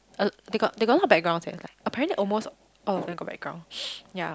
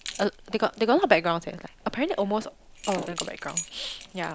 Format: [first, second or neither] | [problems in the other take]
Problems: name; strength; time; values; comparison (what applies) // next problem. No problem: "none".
first | background sound (Keys jangling); 14 dB below the speech